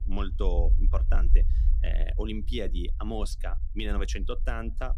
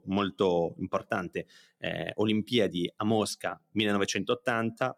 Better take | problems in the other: second | low rumble; noticeable; throughout; 15 dB below the speech

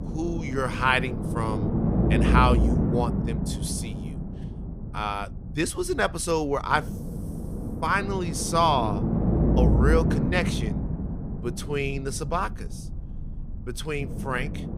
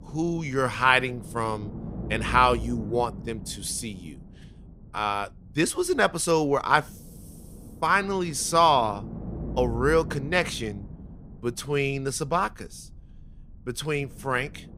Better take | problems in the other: second | low rumble; loud; throughout; 8 dB below the speech; faint in the second

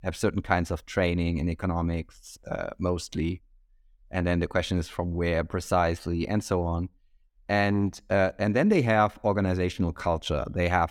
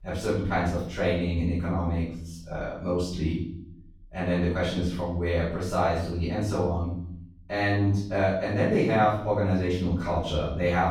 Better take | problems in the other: first | off-mic speech; far // room echo; noticeable; dies away in 0.7 s

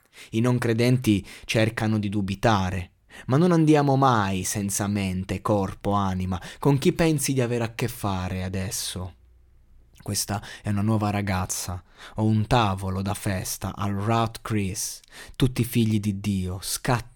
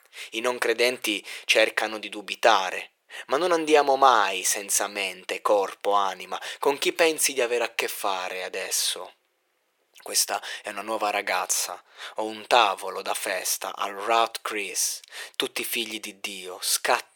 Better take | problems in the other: first | thin; very; fading below 450 Hz

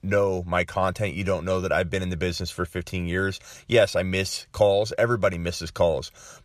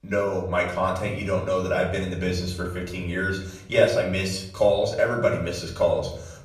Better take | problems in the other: first | room echo; slight; dies away in 0.7 s // off-mic speech; far

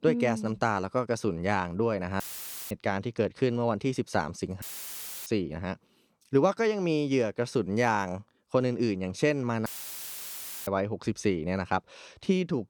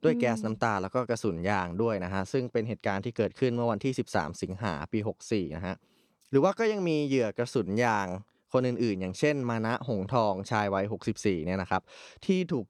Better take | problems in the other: second | audio cutting out; filled with static; at 2 s for 0.5 s, at 4.5 s for 0.5 s and at 9.5 s for 1 s

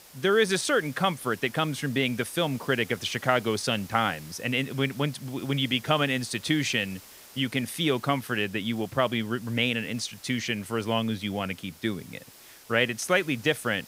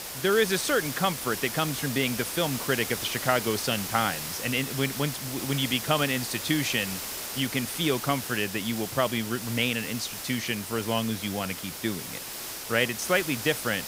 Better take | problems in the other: first | hiss; loud; throughout; 6 dB below the speech; faint in the first

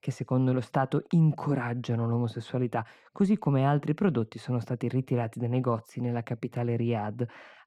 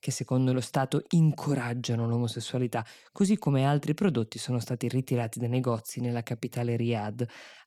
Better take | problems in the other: second | muffled; slightly; fading above 3.5 kHz

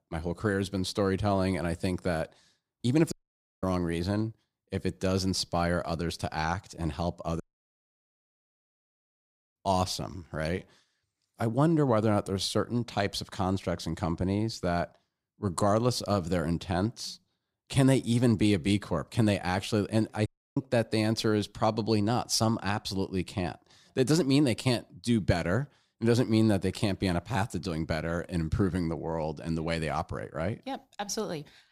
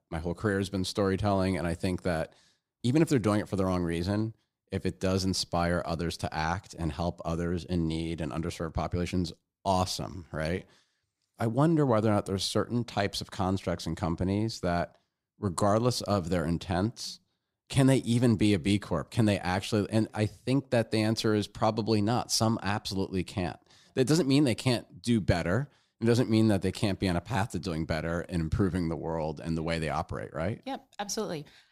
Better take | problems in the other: second | audio cutting out; at 3 s for 0.5 s, at 7.5 s for 2 s and at 20 s

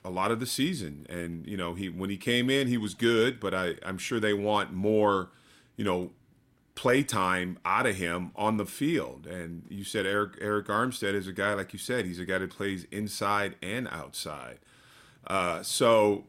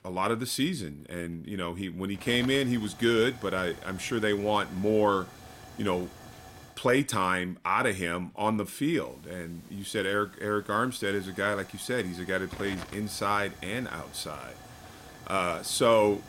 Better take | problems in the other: first | hiss; noticeable; from 2 to 6.5 s and from 9 s on; 20 dB below the speech

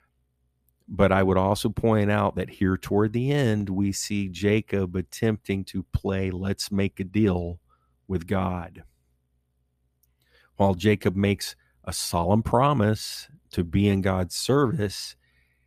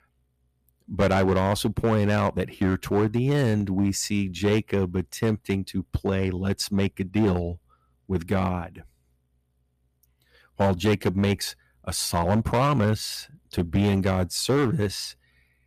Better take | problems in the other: first | distortion; slight; 6% of the sound clipped

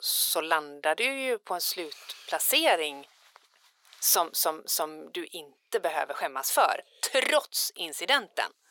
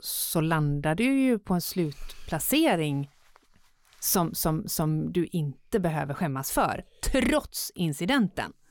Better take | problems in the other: second | thin; very; fading below 500 Hz

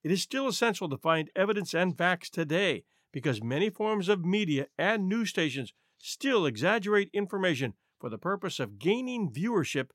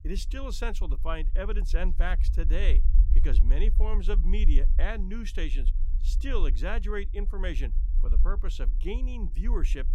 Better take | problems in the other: first | low rumble; noticeable; throughout; 15 dB below the speech

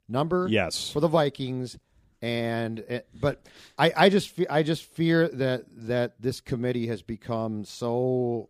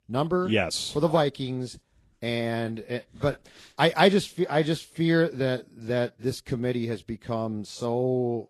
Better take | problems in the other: first | garbled, watery; slightly; nothing above 11.5 kHz

